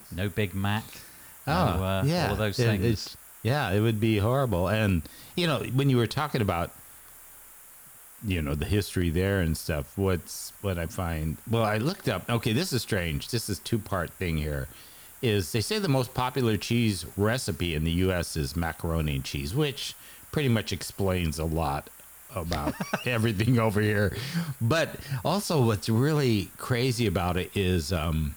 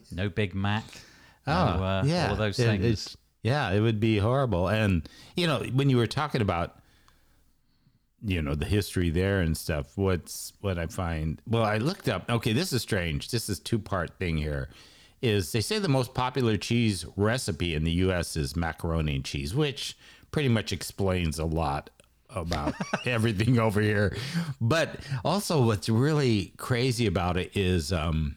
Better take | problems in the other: second | hiss; noticeable; throughout; 20 dB below the speech

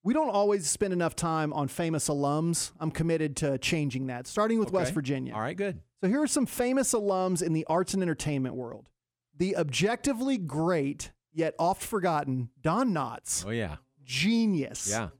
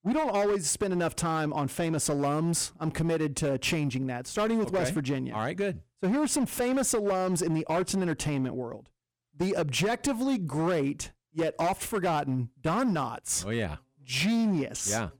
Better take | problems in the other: first | distortion; slight; 13% of the sound clipped

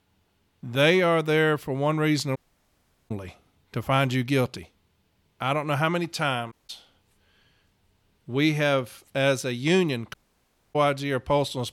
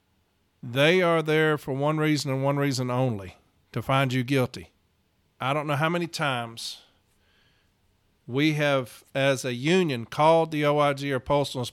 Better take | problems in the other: second | audio cutting out; at 2.5 s for 0.5 s, at 6.5 s and at 10 s for 0.5 s

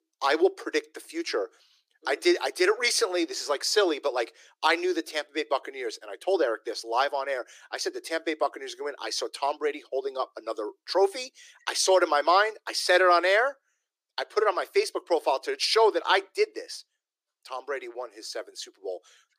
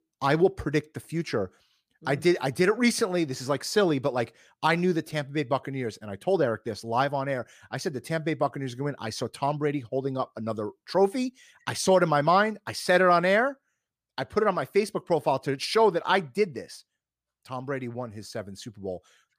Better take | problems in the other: second | thin; very; fading below 350 Hz

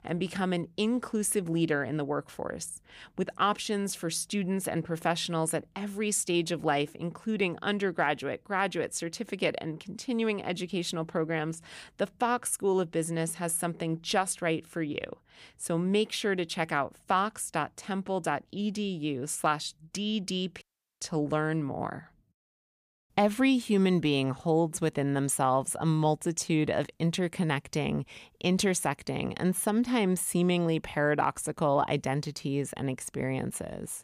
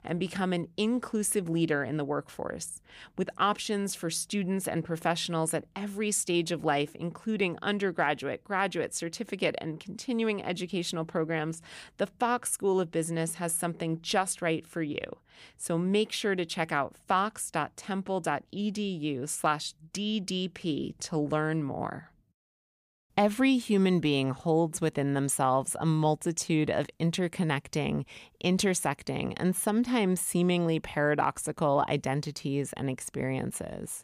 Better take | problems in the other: second | audio cutting out; at 21 s

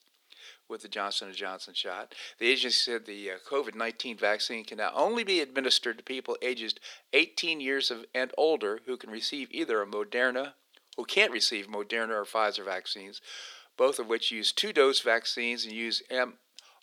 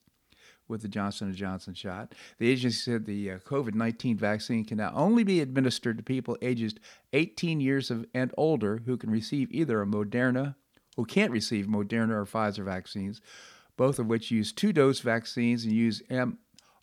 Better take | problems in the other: second | thin; very; fading below 400 Hz

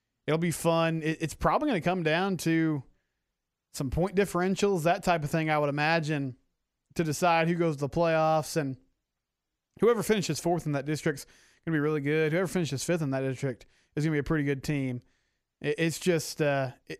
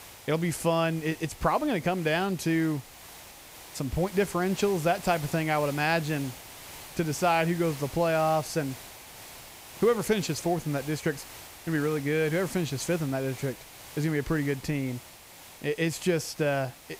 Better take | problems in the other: first | hiss; noticeable; throughout; 15 dB below the speech

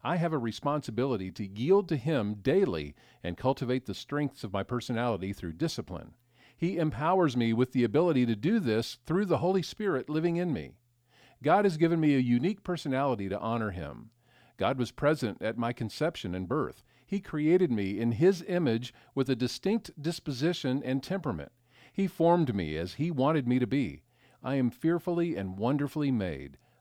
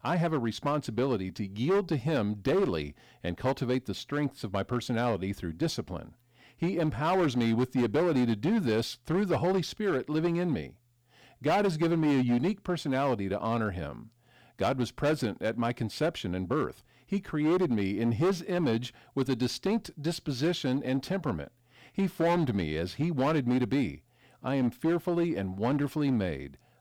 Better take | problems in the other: first | distortion; slight; 9% of the sound clipped

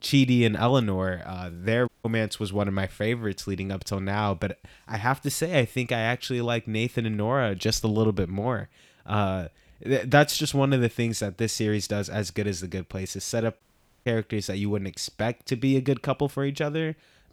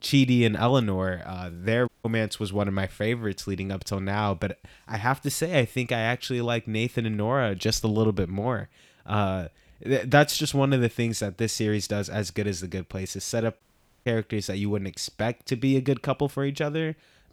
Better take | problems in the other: neither | audio cutting out; at 2 s and at 14 s; the same in both

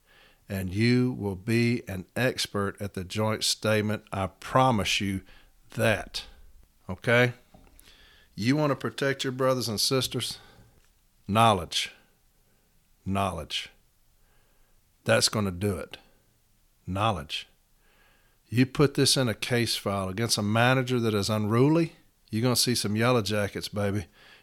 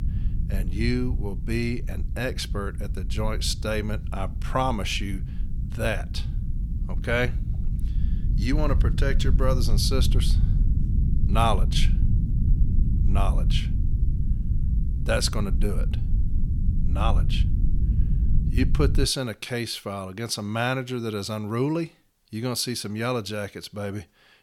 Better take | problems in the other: first | low rumble; noticeable; until 19 s; 15 dB below the speech

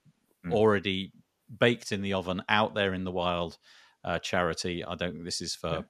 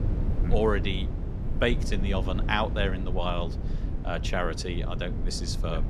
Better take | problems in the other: first | low rumble; noticeable; throughout; 10 dB below the speech

